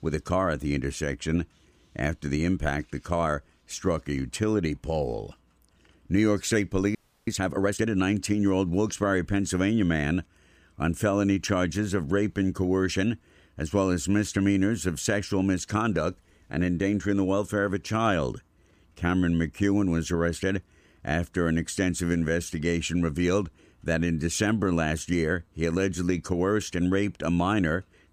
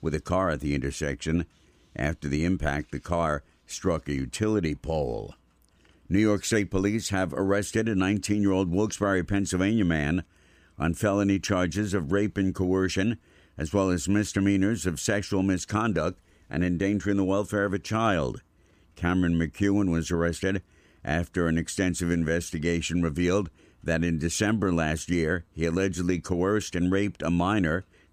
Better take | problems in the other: second | audio freezing; at 7 s

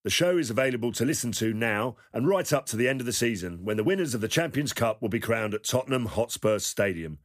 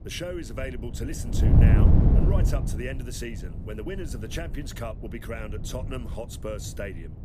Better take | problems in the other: first | wind noise on the microphone; heavy; 2 dB above the speech

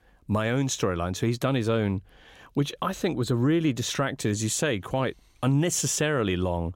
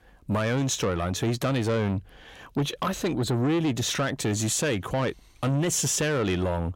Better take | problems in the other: first | distortion; slight; 10 dB below the speech

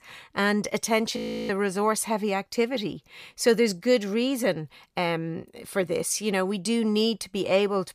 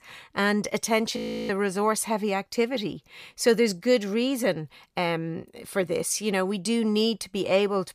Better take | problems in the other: neither | audio freezing; at 1 s; the same in both

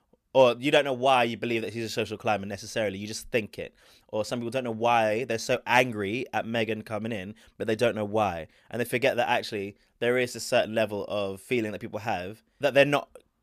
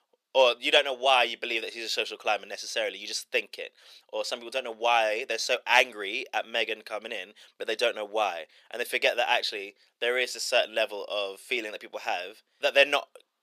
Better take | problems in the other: first | thin; very; fading below 450 Hz

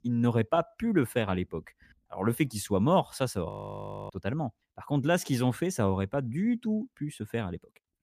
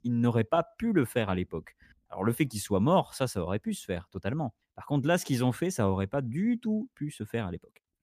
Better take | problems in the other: second | audio freezing; at 3.5 s for 0.5 s

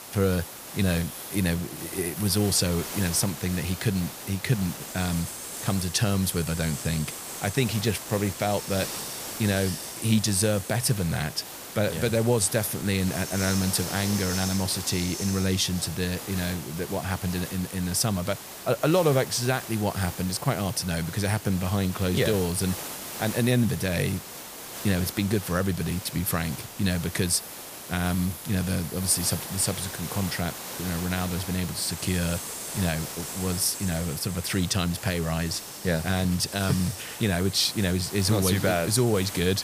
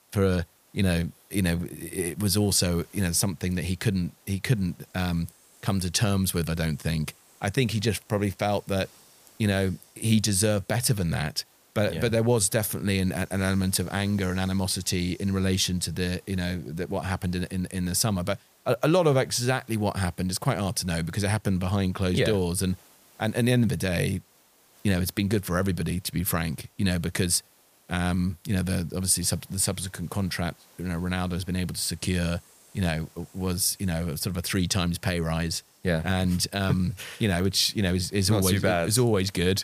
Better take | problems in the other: second | hiss; loud; throughout; 9 dB below the speech; faint in the second

